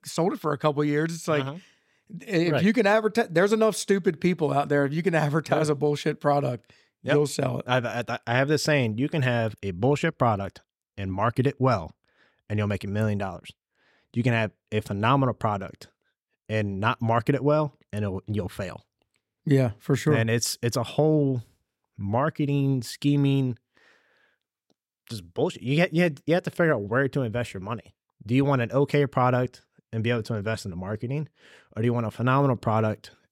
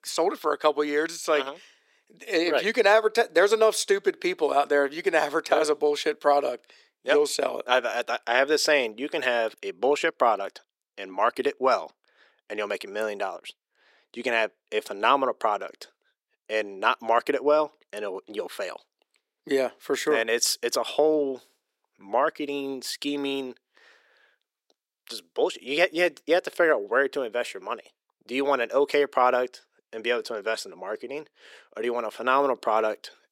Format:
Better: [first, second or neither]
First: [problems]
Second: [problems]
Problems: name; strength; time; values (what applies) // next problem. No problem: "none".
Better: first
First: none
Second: thin; very; fading below 350 Hz